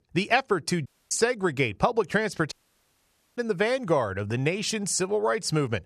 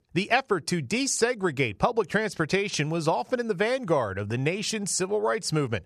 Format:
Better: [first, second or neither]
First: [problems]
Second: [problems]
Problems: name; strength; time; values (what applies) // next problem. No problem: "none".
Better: second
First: audio cutting out; at 1 s and at 2.5 s for 1 s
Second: none